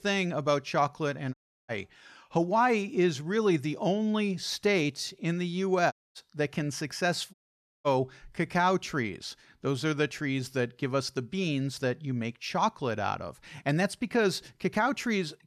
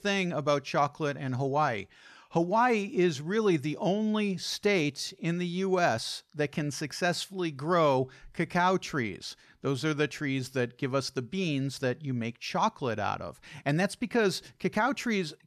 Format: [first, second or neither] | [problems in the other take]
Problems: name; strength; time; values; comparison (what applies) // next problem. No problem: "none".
second | audio cutting out; at 1.5 s, at 6 s and at 7.5 s for 0.5 s